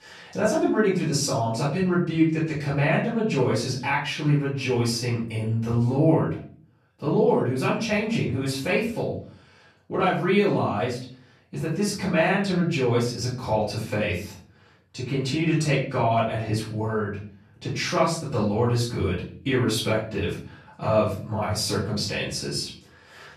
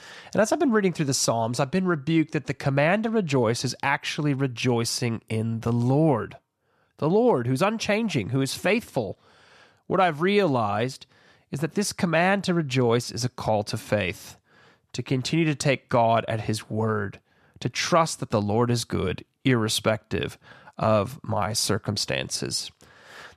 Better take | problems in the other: second | off-mic speech; far // room echo; noticeable; dies away in 0.5 s

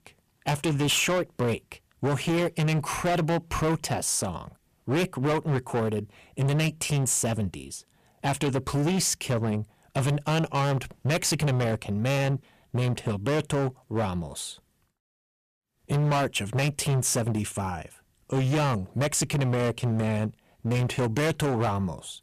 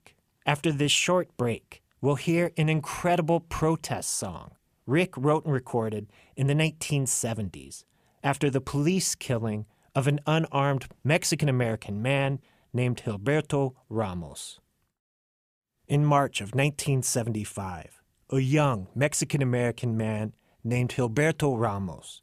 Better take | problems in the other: second | distortion; heavy; 17% of the sound clipped

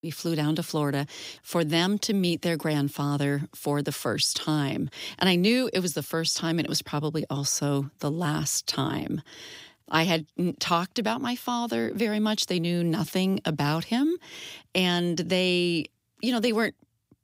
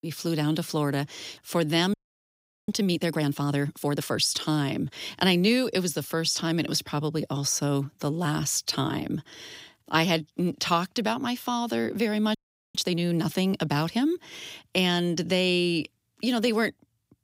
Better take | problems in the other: first | audio freezing; at 2 s for 0.5 s and at 12 s

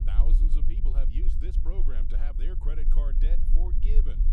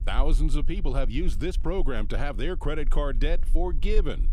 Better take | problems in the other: second | low rumble; loud; throughout; 4 dB below the speech; faint in the second

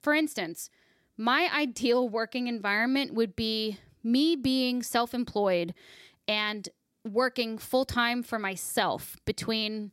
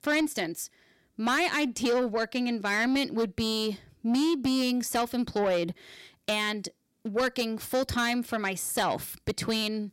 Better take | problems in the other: first | distortion; slight; 10 dB below the speech

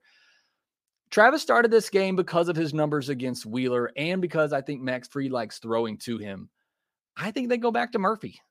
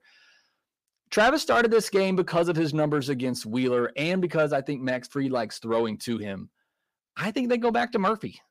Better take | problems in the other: first | distortion; slight; 10 dB below the speech

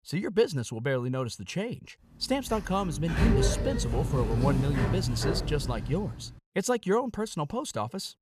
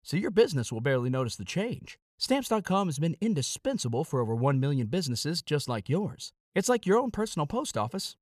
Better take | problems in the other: second | door banging; loud; from 2.5 to 6 s; peak 5 dB above the speech

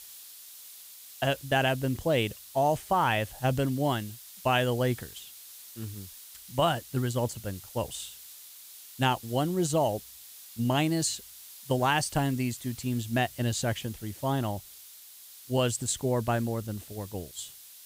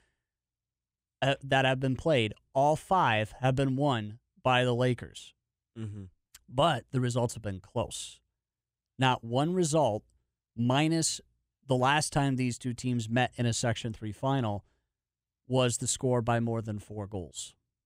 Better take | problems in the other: second | hiss; noticeable; throughout; 15 dB below the speech

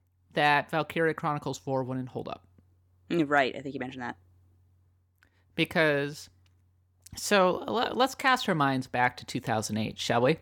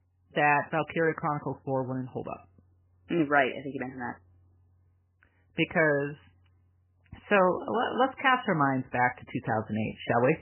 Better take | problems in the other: first | garbled, watery; badly; nothing above 3 kHz

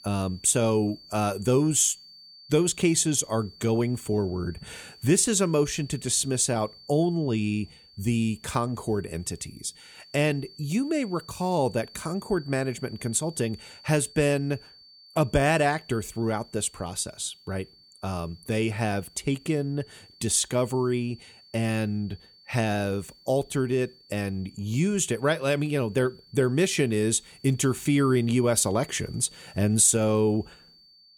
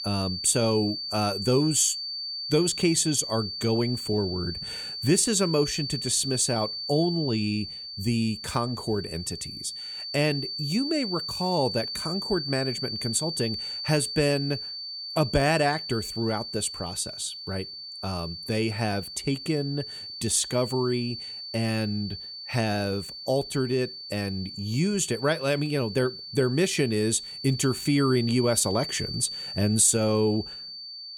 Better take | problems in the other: first | high-pitched whine; loud; throughout; 4.5 kHz, 7 dB below the speech; faint in the first

